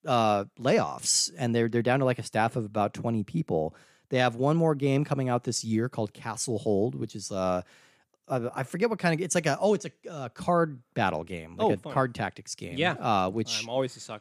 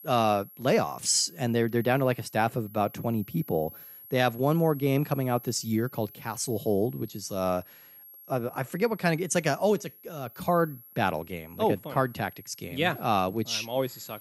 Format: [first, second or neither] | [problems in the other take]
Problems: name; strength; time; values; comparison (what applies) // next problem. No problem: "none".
first | high-pitched whine; noticeable; throughout; 11.5 kHz, 20 dB below the speech